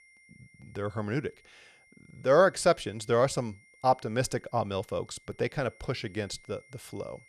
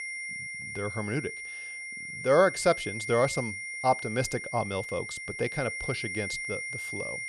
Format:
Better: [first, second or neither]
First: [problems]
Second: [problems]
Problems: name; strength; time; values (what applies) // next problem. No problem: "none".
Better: first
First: high-pitched whine; faint; throughout; 2 kHz, 30 dB below the speech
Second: high-pitched whine; loud; throughout; 2 kHz, 6 dB below the speech